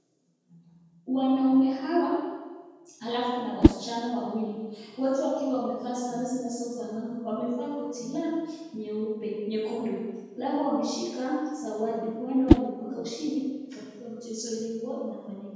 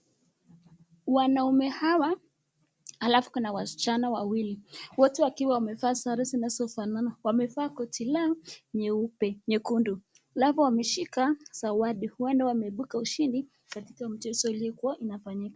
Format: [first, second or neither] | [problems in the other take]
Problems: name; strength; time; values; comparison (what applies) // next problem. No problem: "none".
second | background sound (Whoosh, swoosh, swish); 3 dB above the speech // room echo; dies away in 1.2 s